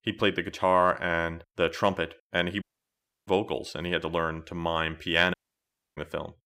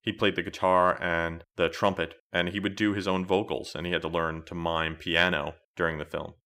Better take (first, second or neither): second